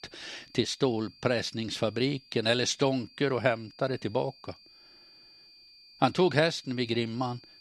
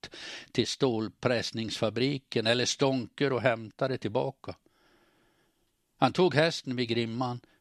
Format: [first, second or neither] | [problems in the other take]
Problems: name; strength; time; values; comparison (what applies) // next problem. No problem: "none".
second | high-pitched whine; faint; throughout; 4.5 kHz, 25 dB below the speech